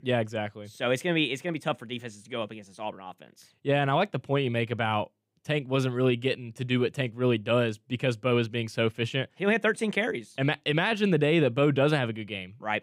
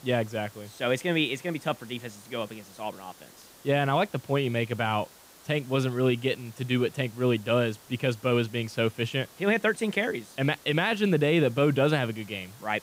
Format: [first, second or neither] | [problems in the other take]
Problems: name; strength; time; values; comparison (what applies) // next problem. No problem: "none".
first | hiss; faint; throughout; 25 dB below the speech